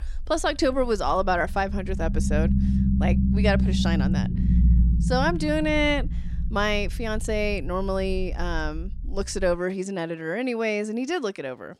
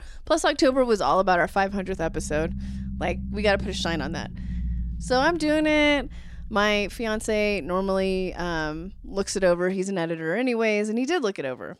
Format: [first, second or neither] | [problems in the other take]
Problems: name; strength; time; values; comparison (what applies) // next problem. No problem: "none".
second | low rumble; loud; until 9.5 s; 8 dB below the speech; faint in the second